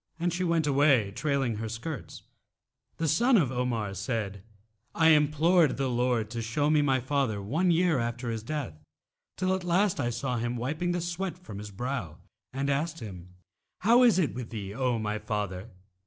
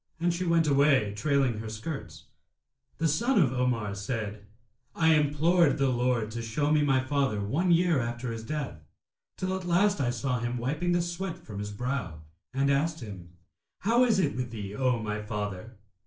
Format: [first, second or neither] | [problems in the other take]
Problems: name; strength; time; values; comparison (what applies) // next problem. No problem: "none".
first | room echo; dies away in 0.3 s